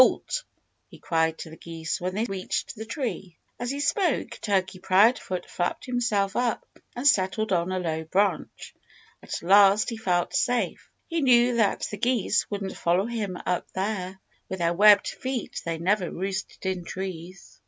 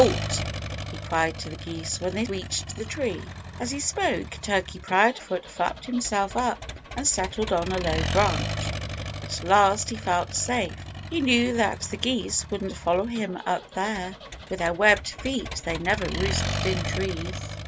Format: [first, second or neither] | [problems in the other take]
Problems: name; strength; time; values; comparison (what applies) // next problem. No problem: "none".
first | background sound (Accelerating, revving, vroom); 7 dB below the speech